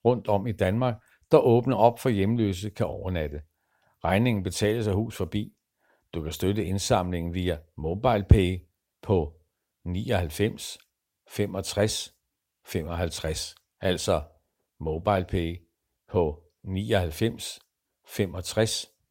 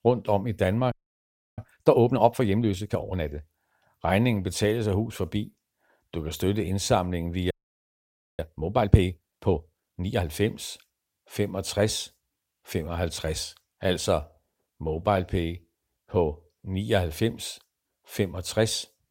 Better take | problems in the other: first | audio freezing; at 1 s for 0.5 s and at 7.5 s for 1 s

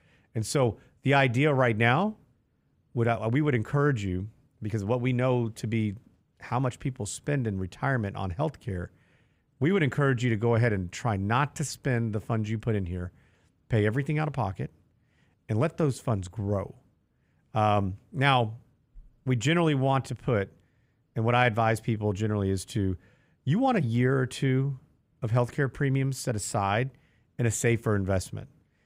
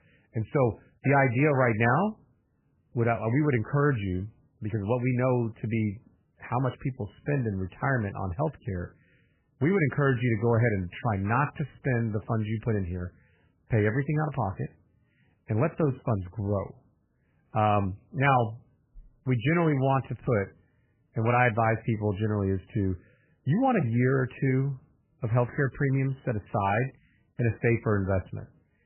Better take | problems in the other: first | garbled, watery; badly; nothing above 2.5 kHz

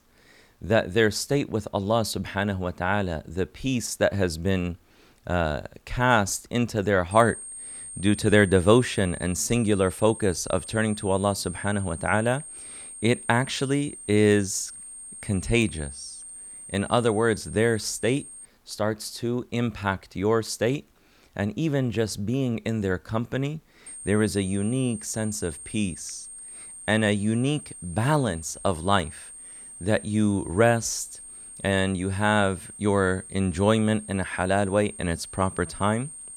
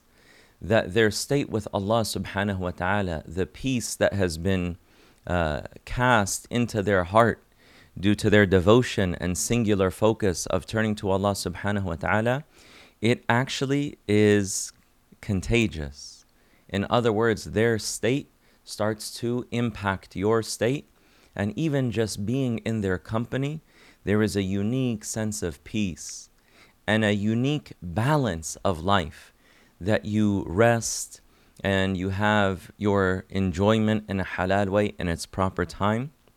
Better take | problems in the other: second | high-pitched whine; noticeable; from 7 to 18 s and from 24 s on; 8.5 kHz, 15 dB below the speech

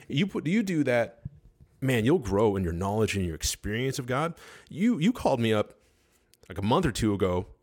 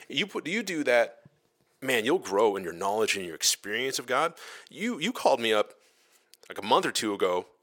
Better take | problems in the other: first | thin; somewhat; fading below 450 Hz

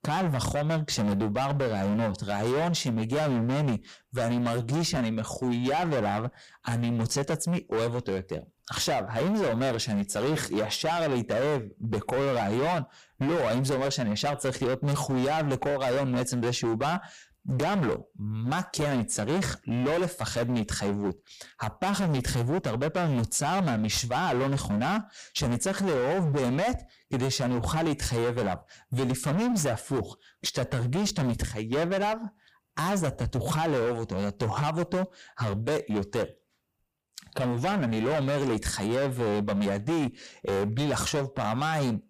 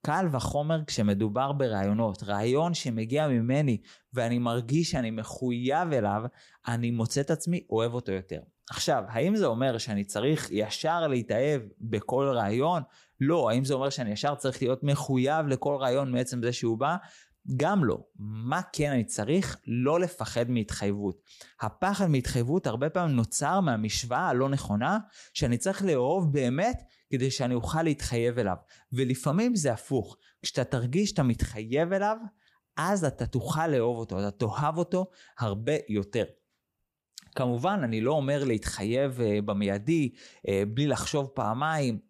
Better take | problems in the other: second | distortion; heavy; 26% of the sound clipped

